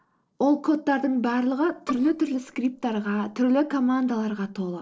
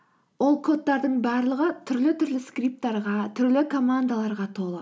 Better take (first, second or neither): second